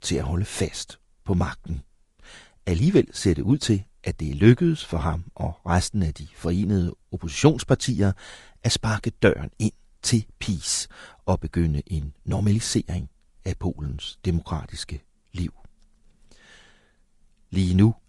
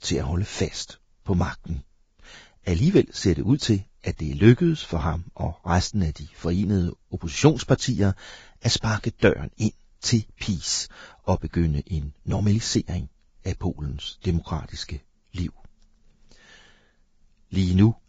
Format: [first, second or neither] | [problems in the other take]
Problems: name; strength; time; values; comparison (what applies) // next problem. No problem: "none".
first | garbled, watery; badly; nothing above 7.5 kHz; slightly in the first